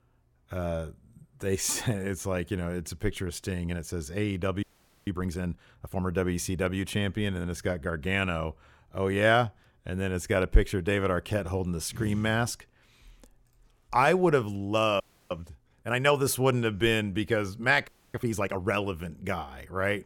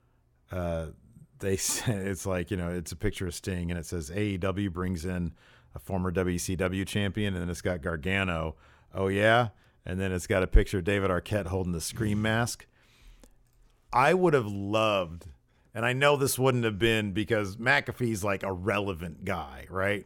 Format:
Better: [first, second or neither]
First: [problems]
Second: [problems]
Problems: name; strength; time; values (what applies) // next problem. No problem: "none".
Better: second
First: audio freezing; at 4.5 s, at 15 s and at 18 s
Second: none